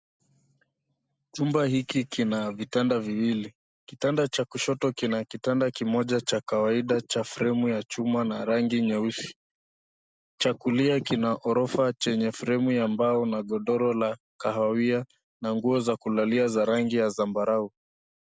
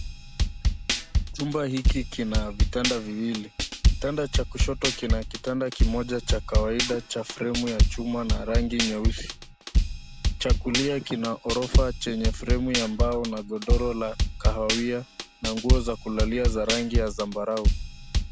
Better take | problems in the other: first | background sound (Drum / Drum kit); 4 dB above the speech

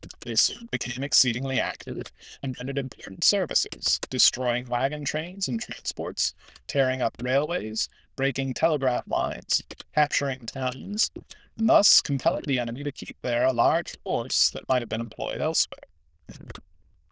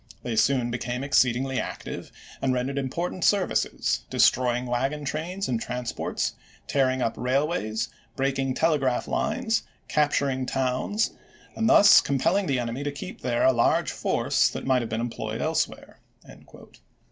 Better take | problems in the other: second | noise reduction (neural diffusion model UNIVERSE++)

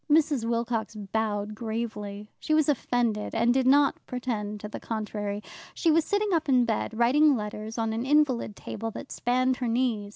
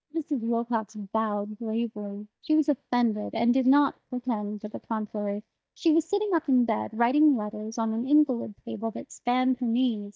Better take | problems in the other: first | noise reduction (neural mask model DeepFilterNet 3)

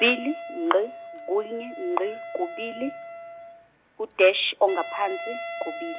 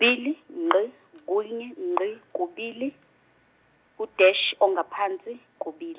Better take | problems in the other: second | background sound (Wind instrument, woodwind instrument); 11 dB below the speech

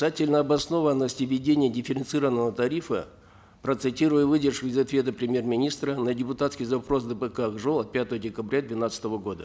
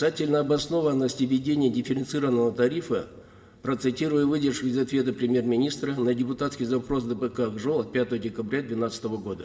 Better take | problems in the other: first | room echo; dies away in 1.9 s

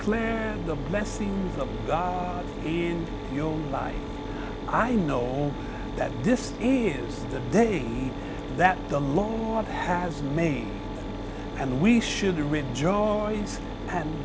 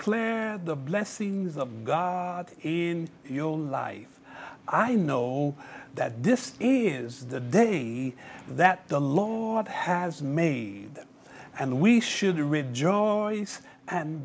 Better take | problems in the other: second | background sound (Mechanisms); 6 dB below the speech

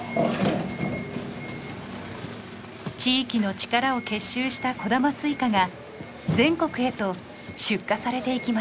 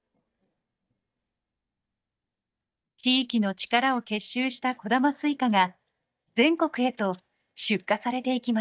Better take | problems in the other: first | noise reduction (neural mask model DeepFilterNet 3)

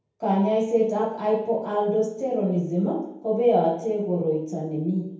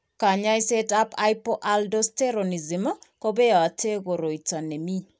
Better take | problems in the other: second | room echo; dies away in 0.9 s

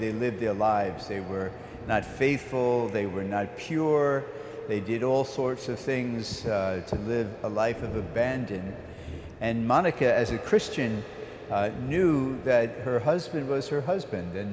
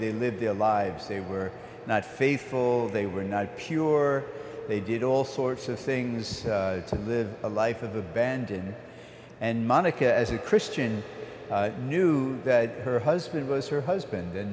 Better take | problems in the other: second | background sound (Thunder); 19 dB below the speech

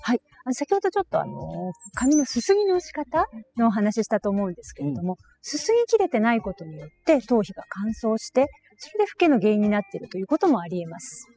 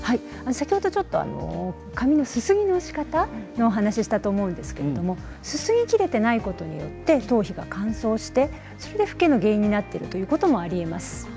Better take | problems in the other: second | noise reduction (classical method spectral subtraction)

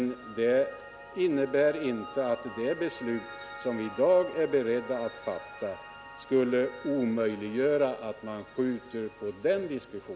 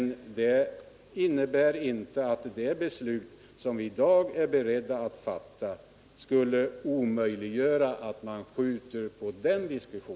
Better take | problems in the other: second | background sound (Piano); 17 dB below the speech

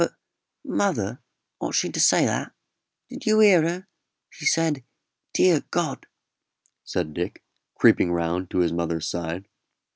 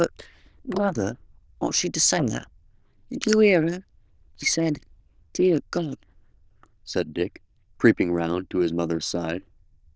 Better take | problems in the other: first | noise reduction (neural diffusion model UNIVERSE++)

